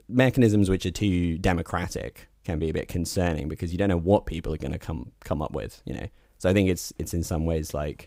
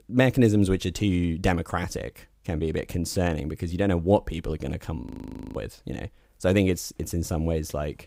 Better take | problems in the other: first | audio freezing; at 5 s for 0.5 s

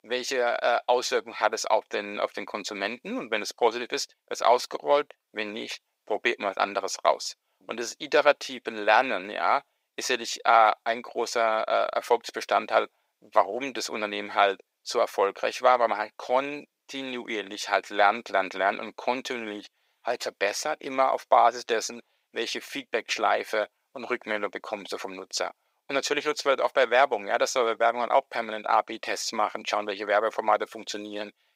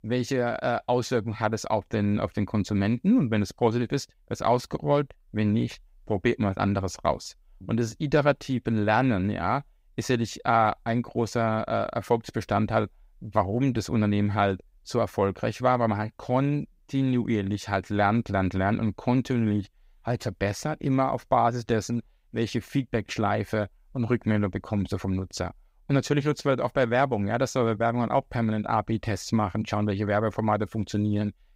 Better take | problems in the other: second | thin; very; fading below 500 Hz

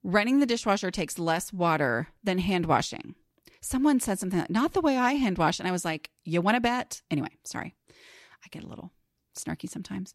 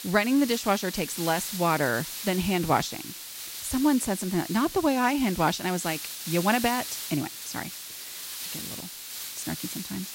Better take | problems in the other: first | hiss; loud; throughout; 8 dB below the speech

